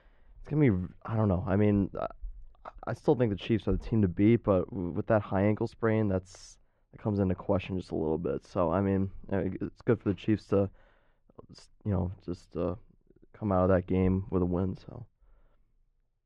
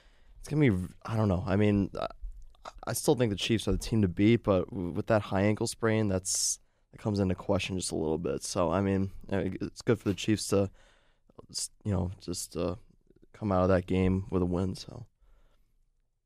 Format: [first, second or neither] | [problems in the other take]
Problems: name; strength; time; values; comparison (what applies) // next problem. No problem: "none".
second | muffled; very; fading above 2 kHz